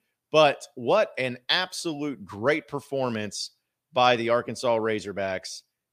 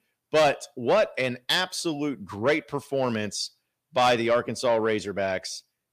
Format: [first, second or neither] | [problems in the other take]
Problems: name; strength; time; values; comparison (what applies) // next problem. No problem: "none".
first | distortion; slight; 10 dB below the speech